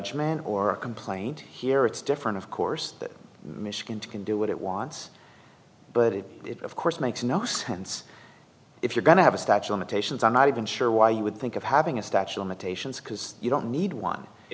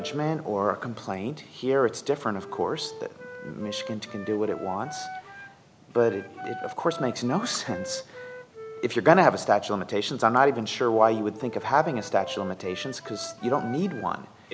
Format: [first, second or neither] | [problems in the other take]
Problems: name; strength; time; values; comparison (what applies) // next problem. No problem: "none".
first | background sound (Wind instrument, woodwind instrument); 15 dB below the speech